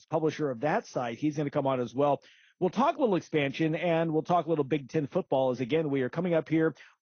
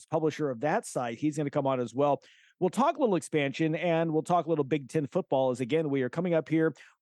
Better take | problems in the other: second | garbled, watery; slightly; nothing above 6.5 kHz

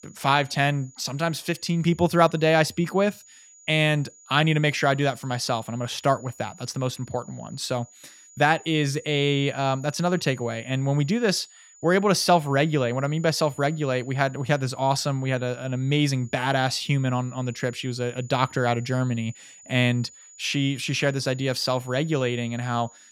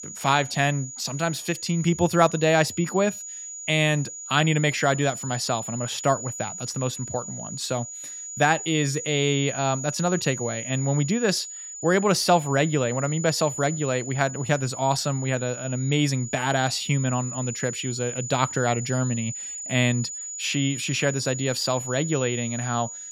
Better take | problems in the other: first | high-pitched whine; loud; throughout; 7 kHz, 8 dB below the speech; faint in the first

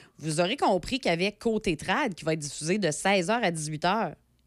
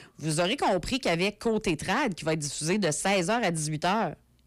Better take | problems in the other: first | distortion; slight; 10 dB below the speech

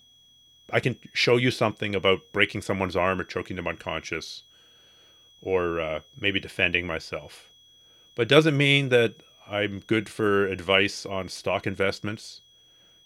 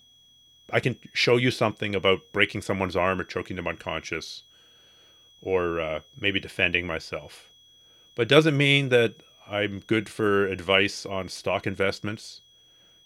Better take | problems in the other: neither | high-pitched whine; faint; throughout; 3.5 kHz, 30 dB below the speech; the same in both

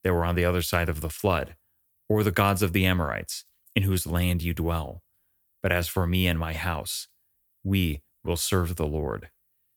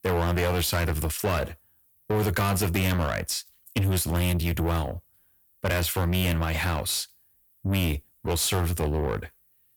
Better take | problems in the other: first | distortion; heavy; 6 dB below the speech

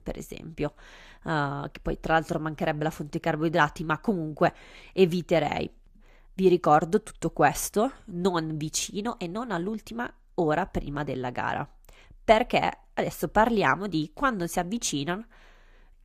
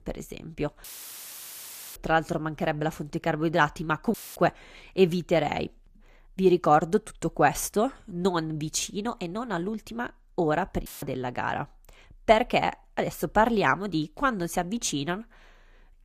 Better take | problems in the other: first | audio cutting out; filled with static; at 1 s for 1 s, at 4 s and at 11 s

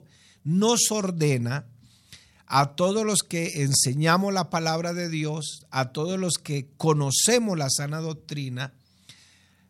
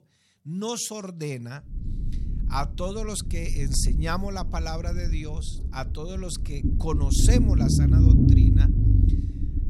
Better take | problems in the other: first | low rumble; loud; from 1.5 s on; as loud as the speech

